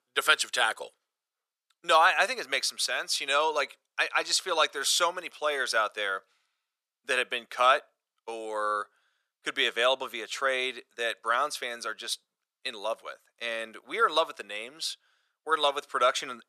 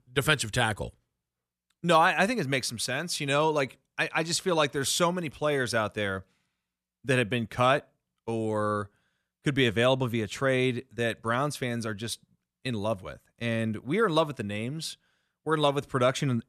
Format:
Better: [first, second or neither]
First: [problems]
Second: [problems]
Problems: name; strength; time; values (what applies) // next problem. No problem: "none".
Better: second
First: thin; very; fading below 500 Hz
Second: none